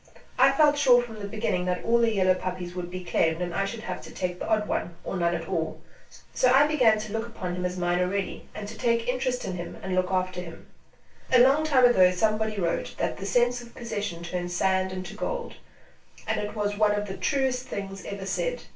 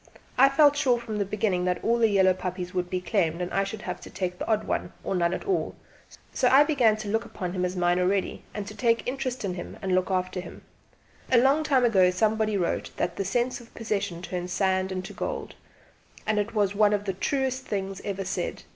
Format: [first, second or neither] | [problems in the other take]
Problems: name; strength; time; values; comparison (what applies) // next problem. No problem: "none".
second | room echo; dies away in 0.2 s